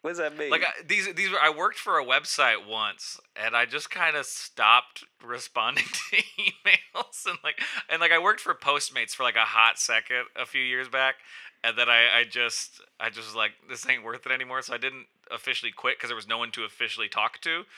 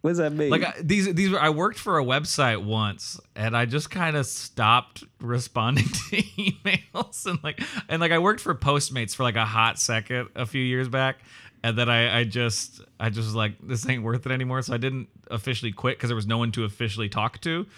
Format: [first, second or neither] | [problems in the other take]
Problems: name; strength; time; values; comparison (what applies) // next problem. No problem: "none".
second | thin; very; fading below 600 Hz